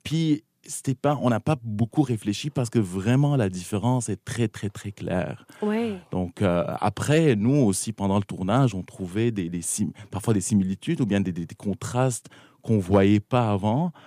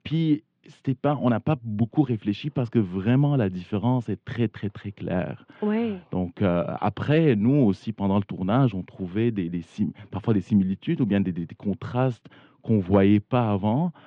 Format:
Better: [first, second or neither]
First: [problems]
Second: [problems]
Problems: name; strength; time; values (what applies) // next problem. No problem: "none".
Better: first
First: none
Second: muffled; very; fading above 3.5 kHz